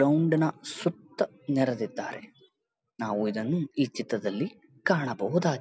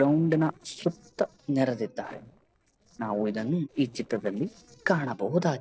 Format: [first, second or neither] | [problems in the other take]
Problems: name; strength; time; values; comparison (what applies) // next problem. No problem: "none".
first | noise reduction (neural separator model SepFormer DNS4)